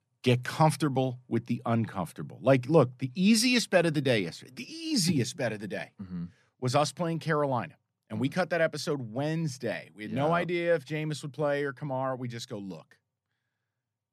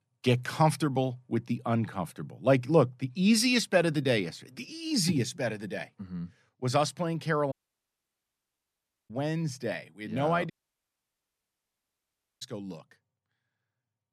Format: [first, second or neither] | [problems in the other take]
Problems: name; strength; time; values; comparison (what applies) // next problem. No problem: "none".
first | audio cutting out; at 7.5 s for 1.5 s and at 11 s for 2 s